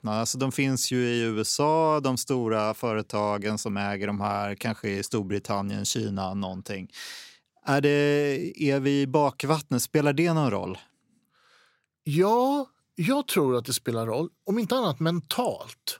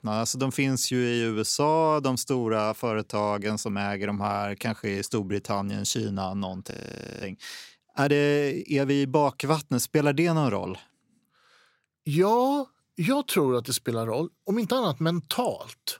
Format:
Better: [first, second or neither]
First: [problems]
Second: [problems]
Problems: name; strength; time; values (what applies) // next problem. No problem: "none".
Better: first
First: none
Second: audio freezing; at 6.5 s for 0.5 s